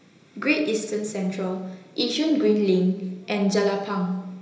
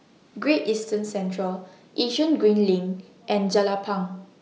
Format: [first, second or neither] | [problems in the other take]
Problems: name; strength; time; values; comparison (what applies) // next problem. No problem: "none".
second | room echo; dies away in 1 s